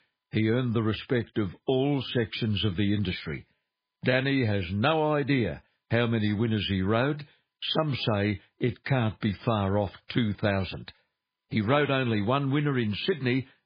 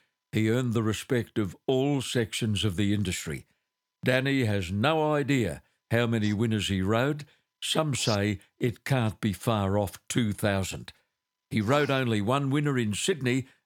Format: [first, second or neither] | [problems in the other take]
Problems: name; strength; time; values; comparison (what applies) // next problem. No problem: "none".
second | garbled, watery; badly